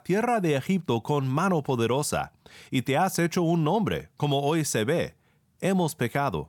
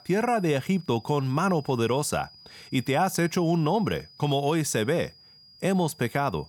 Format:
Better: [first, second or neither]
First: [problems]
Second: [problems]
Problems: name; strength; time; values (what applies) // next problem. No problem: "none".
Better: first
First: none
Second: high-pitched whine; faint; throughout; 5 kHz, 25 dB below the speech